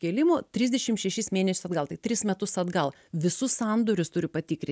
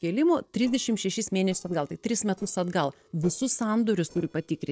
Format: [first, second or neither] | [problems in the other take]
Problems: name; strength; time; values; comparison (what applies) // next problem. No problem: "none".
first | noise reduction (neural separator model SepFormer DNS4)